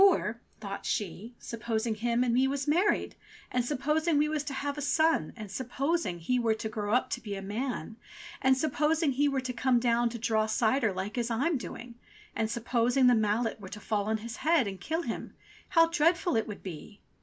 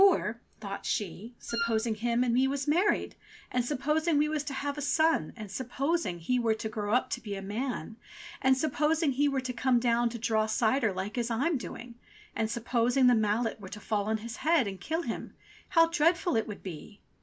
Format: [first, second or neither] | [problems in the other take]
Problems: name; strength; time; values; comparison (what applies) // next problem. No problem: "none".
first | background sound (Wind instrument, woodwind instrument); 7 dB below the speech